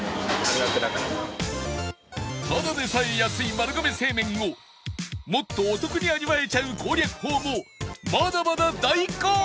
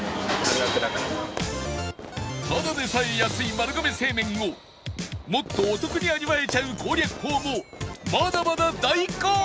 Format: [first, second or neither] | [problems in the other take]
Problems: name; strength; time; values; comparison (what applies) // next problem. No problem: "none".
first | background sound (Fireworks); 14 dB below the speech